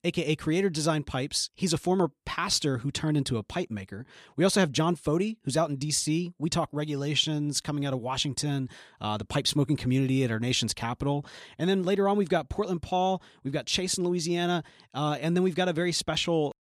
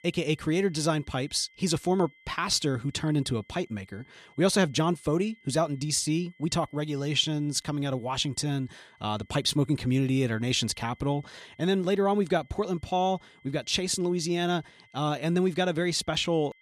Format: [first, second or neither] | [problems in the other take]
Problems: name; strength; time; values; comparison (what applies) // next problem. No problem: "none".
first | high-pitched whine; faint; throughout; 2 kHz, 30 dB below the speech